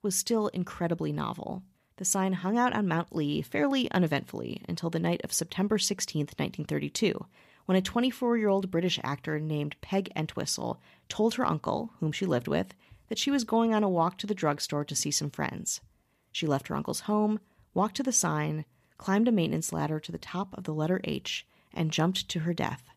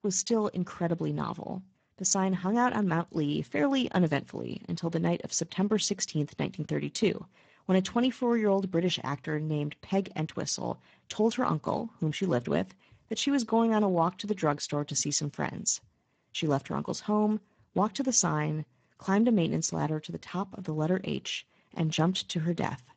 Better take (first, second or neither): first